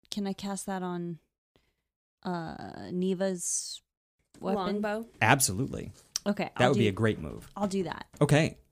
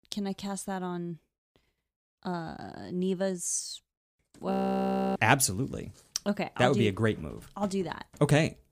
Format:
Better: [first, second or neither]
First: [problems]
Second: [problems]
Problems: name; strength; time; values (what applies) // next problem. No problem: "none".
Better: first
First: none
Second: audio freezing; at 4.5 s for 0.5 s